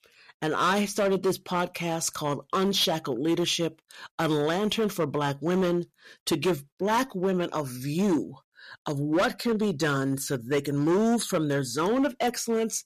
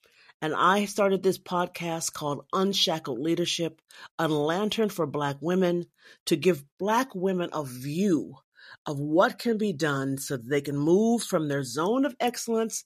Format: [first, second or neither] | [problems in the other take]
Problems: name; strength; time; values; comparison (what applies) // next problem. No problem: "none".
second | distortion; slight; 10% of the sound clipped